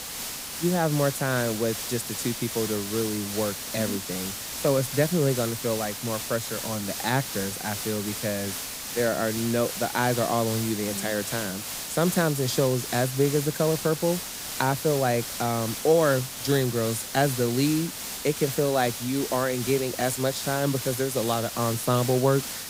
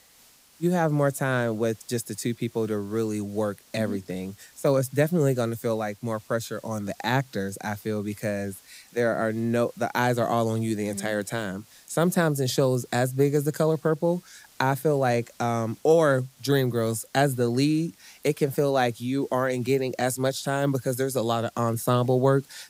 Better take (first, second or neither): second